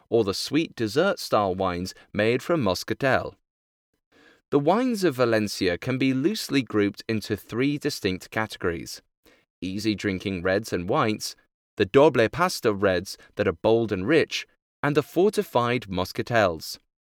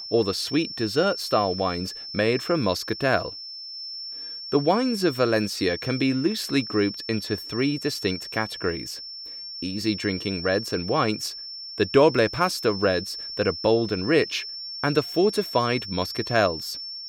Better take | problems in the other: first | high-pitched whine; loud; throughout; 5.5 kHz, 9 dB below the speech

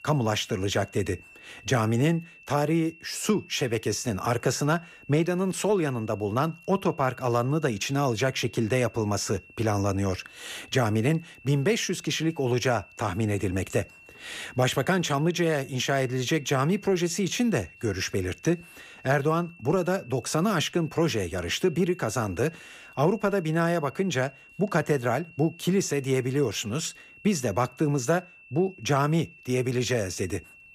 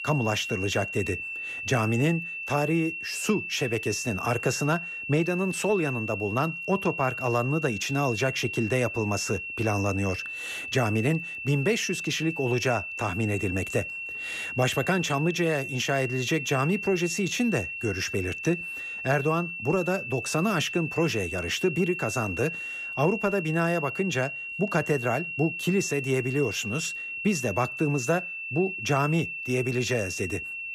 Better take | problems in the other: first | high-pitched whine; loud; throughout; 2.5 kHz, 5 dB below the speech; faint in the first

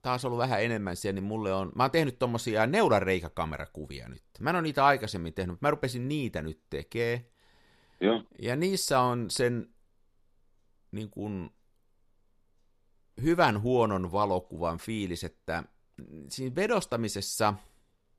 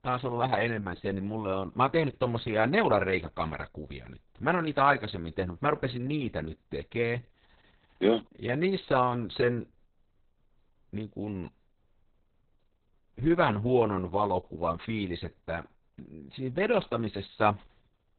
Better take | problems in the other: first | garbled, watery; badly; nothing above 4 kHz

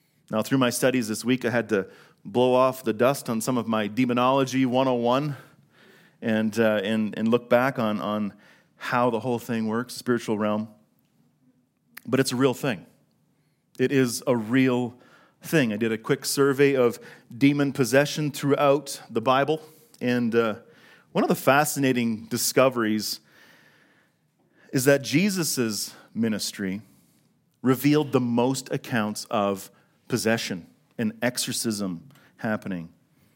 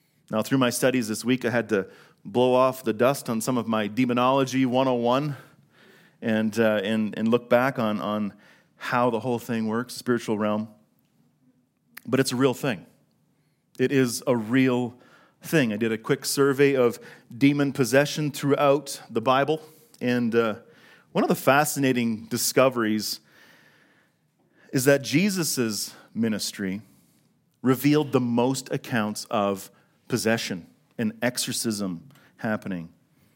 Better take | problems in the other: neither | none

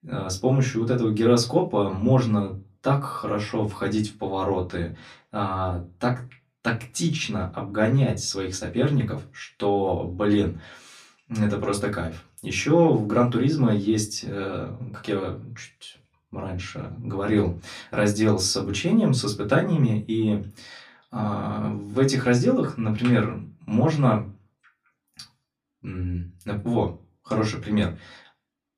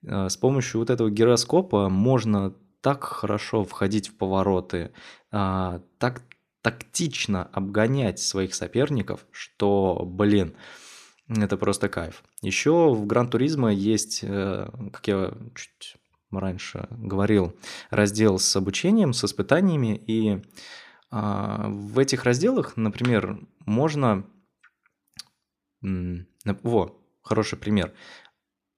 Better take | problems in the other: second | off-mic speech; far // room echo; very slight; dies away in 0.2 s

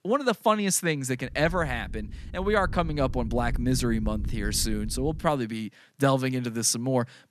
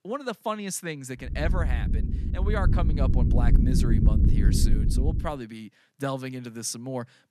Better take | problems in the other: first | low rumble; loud; from 1.5 to 5 s; 4 dB below the speech; faint in the first

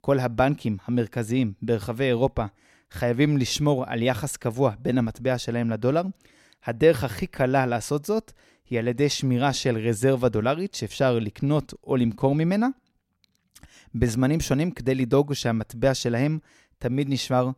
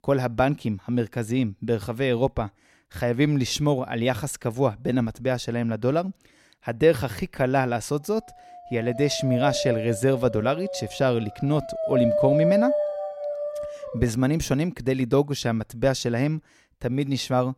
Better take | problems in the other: first | dog barking; loud; from 8.5 to 14 s; peak 3 dB above the speech

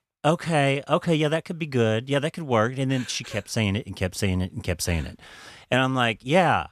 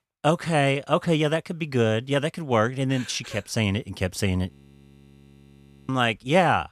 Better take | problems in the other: first | audio freezing; at 4.5 s for 1.5 s

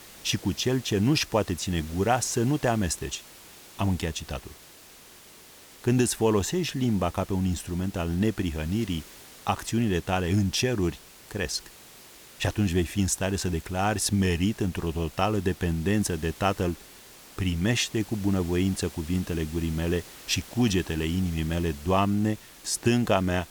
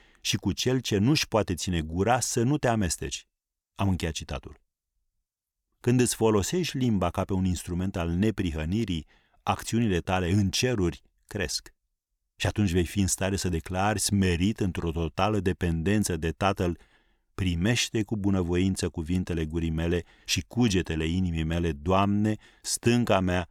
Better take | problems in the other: second | hiss; noticeable; throughout; 20 dB below the speech

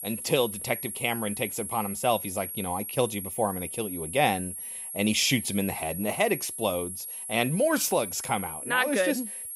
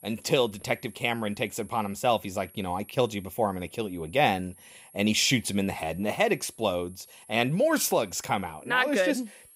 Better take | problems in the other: second | high-pitched whine; loud; throughout; 11 kHz, 6 dB below the speech; faint in the second

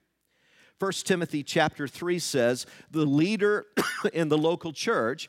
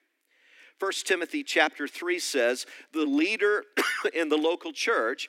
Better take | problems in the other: first | thin; very slightly; fading below 250 Hz

